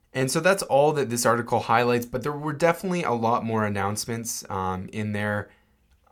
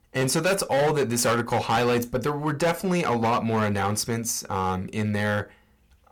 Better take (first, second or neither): first